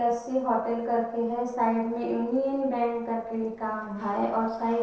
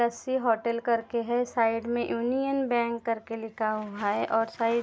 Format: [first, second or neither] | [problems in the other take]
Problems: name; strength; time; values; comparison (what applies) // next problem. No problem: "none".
second | noise reduction (neural separator model SepFormer DNS4)